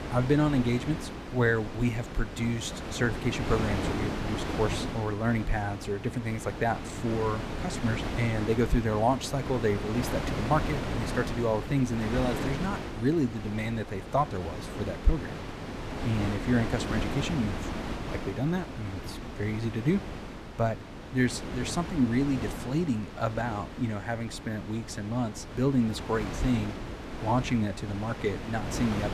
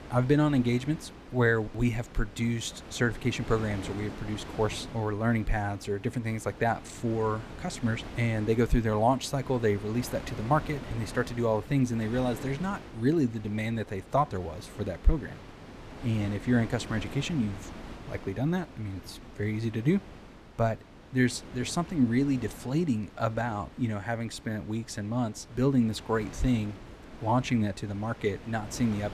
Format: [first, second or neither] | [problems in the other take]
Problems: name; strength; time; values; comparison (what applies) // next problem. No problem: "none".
second | wind noise on the microphone; heavy; 6 dB below the speech; occasional gusts in the second